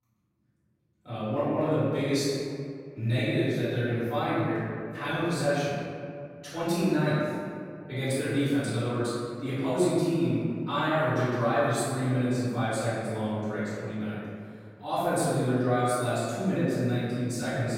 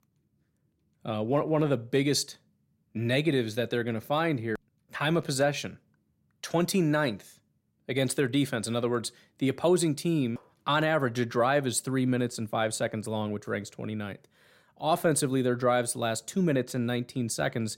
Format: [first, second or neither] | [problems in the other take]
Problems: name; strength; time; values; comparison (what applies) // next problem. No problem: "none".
second | off-mic speech; far // room echo; strong; dies away in 2.1 s